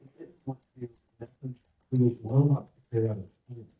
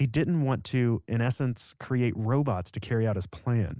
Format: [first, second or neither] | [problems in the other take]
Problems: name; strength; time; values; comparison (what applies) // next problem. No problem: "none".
second | noise reduction (neural mask model DeepFilterNet 3)